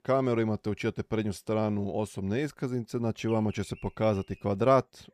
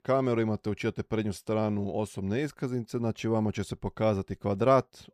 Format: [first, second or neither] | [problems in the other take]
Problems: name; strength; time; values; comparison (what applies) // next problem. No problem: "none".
second | animal sounds; faint; throughout; 25 dB below the speech